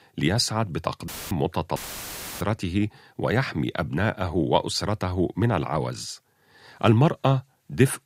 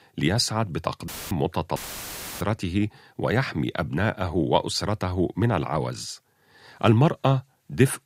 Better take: neither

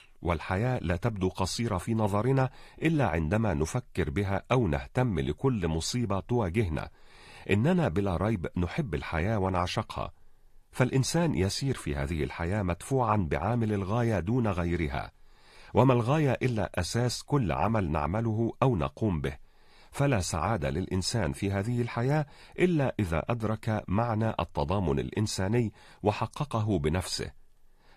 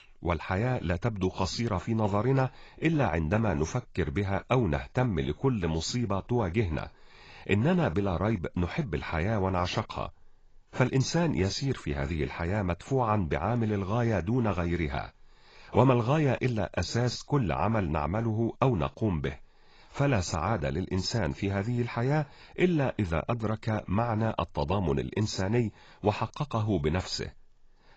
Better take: first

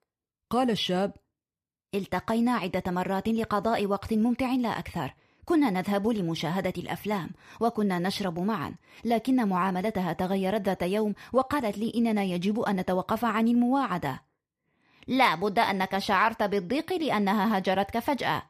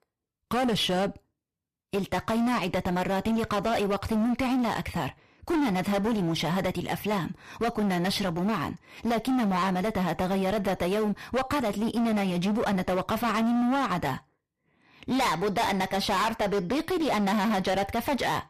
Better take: first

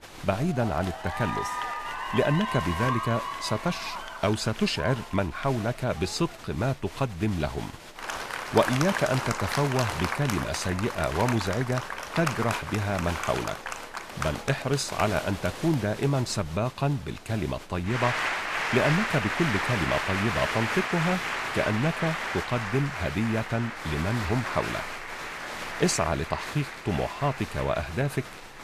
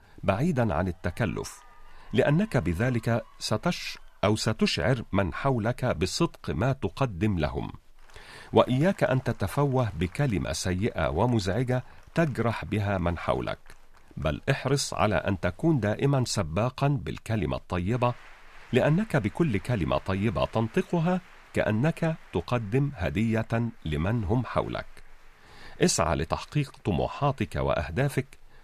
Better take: second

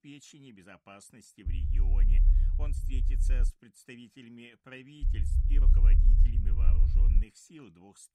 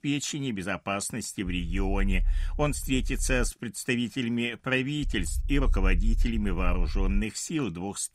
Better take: second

